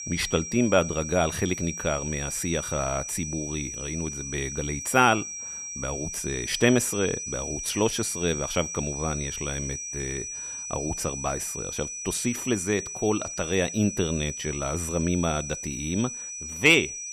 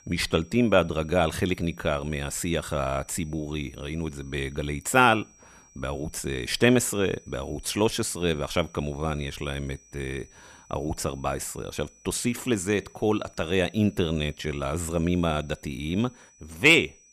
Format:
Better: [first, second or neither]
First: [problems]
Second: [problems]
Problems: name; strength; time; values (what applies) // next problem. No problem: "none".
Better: second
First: high-pitched whine; loud; throughout; 6 kHz, 6 dB below the speech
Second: high-pitched whine; faint; throughout; 6 kHz, 30 dB below the speech